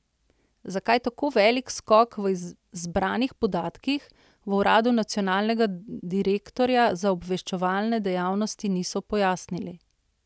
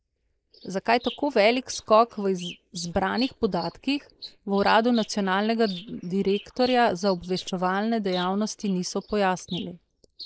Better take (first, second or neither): first